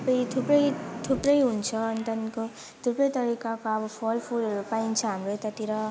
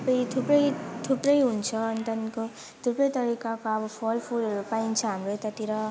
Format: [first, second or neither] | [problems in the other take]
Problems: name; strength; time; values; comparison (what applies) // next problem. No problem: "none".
second | background sound (Whoosh, swoosh, swish); 19 dB below the speech